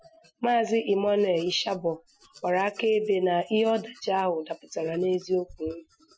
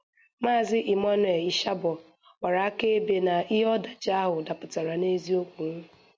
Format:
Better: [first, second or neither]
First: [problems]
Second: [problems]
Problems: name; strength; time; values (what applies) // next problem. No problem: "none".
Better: second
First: noise reduction (classical method Wiener filter)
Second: none